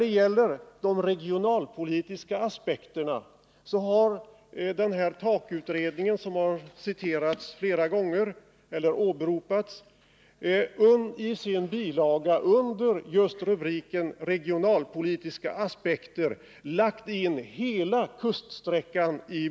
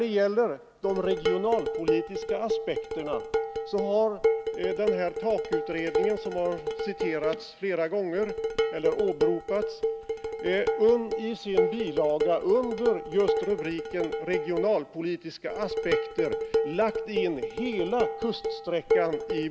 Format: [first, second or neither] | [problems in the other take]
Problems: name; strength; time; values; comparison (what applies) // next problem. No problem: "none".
first | background sound (Dishes, pots, and pans); 1 dB below the speech